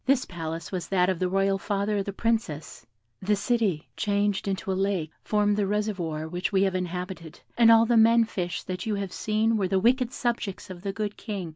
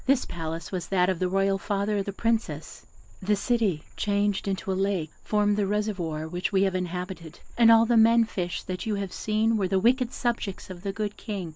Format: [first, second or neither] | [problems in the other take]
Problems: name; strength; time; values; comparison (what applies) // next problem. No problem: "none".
first | noise reduction (neural mask model Resemble Enhance denoiser)